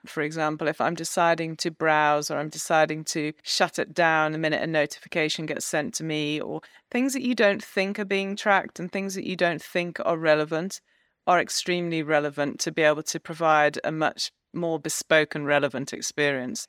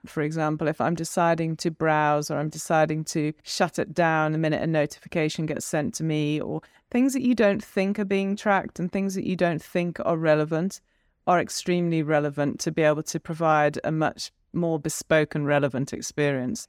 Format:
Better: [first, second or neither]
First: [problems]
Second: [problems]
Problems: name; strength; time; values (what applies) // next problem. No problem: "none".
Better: second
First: thin; very slightly; fading below 750 Hz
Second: none